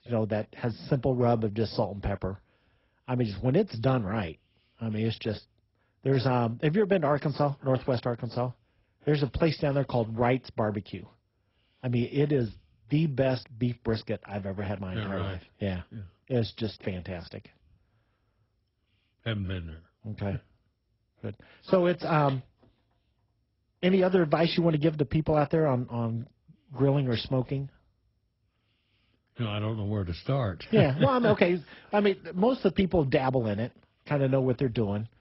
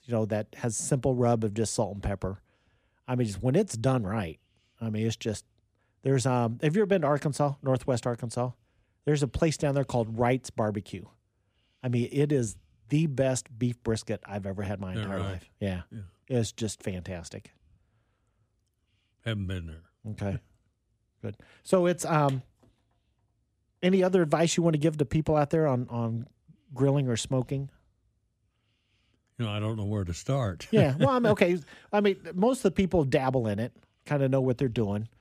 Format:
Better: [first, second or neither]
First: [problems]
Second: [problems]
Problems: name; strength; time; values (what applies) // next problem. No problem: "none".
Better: second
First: garbled, watery; badly; nothing above 5.5 kHz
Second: none